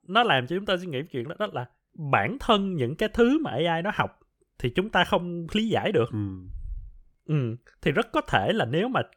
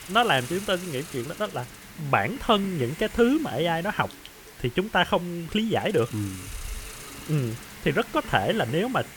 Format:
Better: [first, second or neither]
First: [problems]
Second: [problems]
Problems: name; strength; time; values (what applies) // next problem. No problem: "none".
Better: first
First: none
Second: hiss; noticeable; throughout; 15 dB below the speech